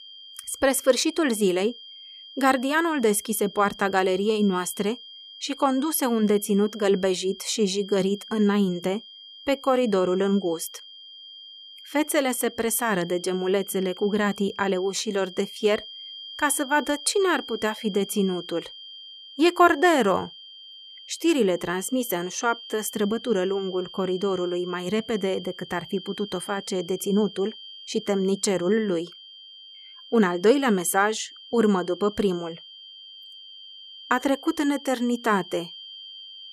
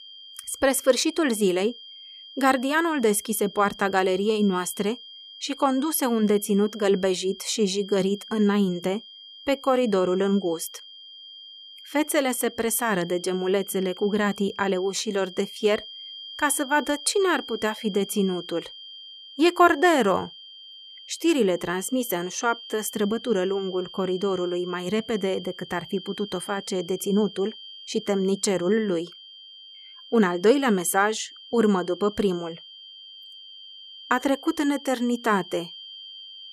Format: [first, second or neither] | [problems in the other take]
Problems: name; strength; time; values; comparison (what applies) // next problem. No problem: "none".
neither | high-pitched whine; noticeable; throughout; 3 kHz, 15 dB below the speech; the same in both